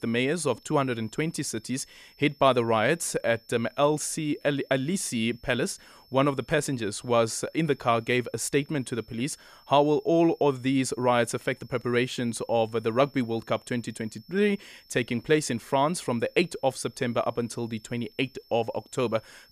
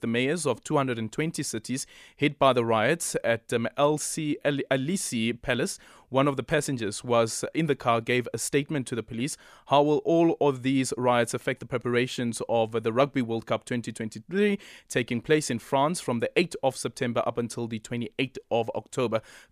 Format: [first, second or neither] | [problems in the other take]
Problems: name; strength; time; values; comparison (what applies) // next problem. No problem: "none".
second | high-pitched whine; faint; throughout; 5.5 kHz, 30 dB below the speech